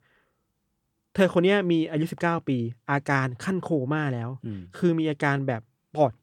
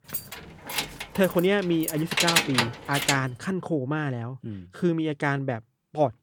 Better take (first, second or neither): first